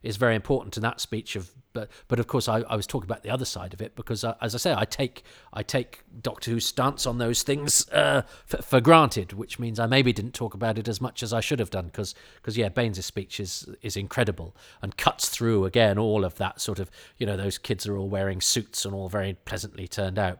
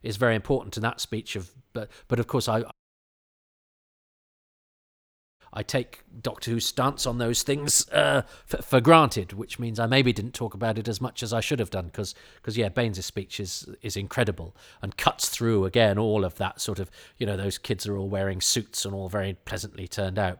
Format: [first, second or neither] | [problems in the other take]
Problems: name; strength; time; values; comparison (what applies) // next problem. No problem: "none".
first | audio cutting out; at 2.5 s for 2.5 s